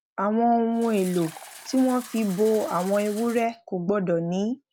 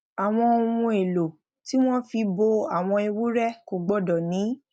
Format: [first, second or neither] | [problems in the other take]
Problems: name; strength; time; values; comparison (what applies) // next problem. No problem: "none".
second | background sound (Fill (with liquid)); 20 dB below the speech